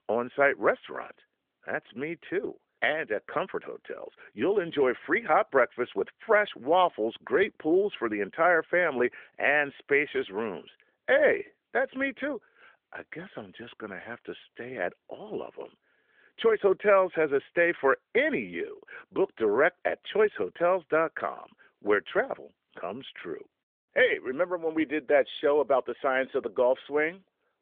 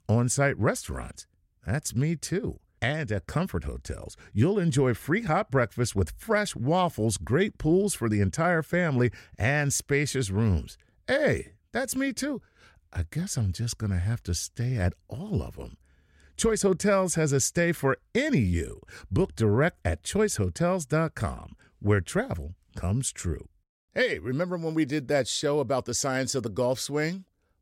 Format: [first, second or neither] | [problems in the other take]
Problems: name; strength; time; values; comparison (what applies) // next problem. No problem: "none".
second | phone-call audio; nothing above 3.5 kHz